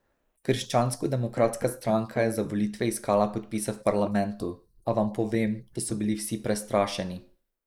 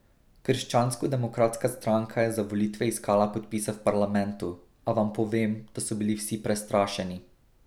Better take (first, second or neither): second